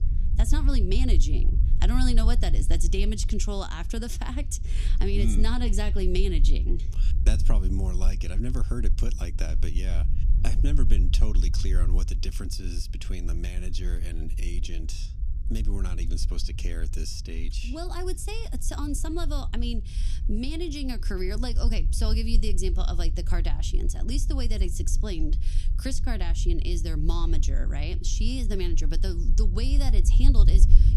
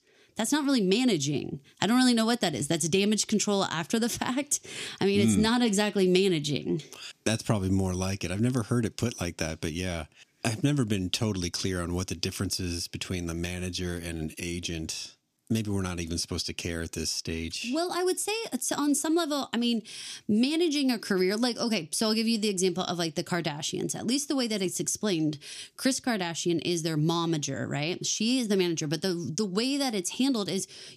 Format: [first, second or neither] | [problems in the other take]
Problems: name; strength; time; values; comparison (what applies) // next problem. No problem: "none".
second | low rumble; noticeable; throughout; 10 dB below the speech